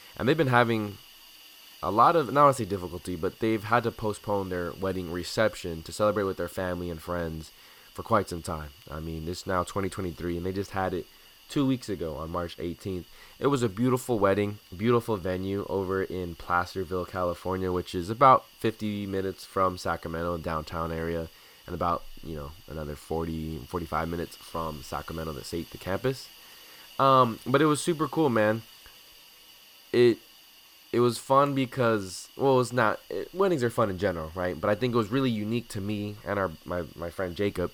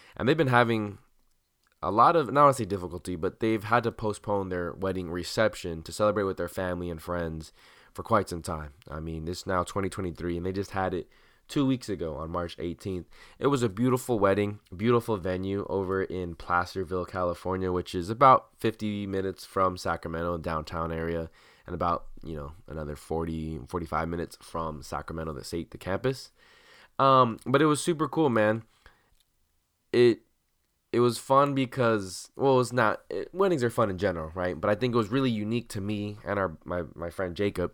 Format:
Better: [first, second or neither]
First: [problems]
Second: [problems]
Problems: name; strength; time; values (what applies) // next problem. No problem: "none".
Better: second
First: hiss; faint; throughout; 20 dB below the speech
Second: none